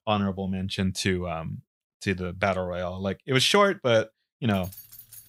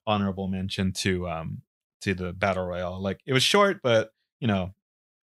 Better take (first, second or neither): second